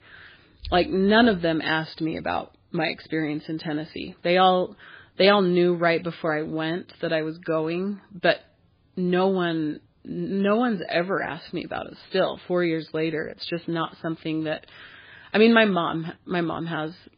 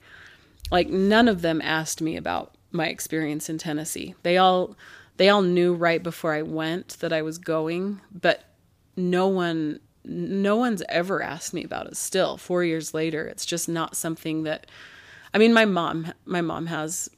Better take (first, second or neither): second